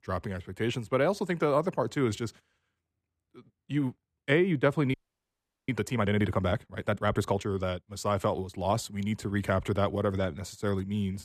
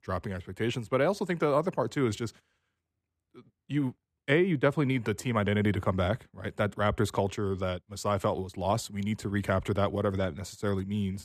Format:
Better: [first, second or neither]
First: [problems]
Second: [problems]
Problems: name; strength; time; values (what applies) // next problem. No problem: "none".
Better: second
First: audio freezing; at 5 s for 0.5 s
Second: none